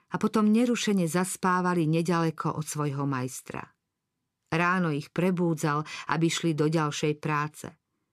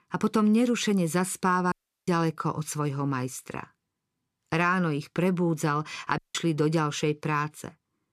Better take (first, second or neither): first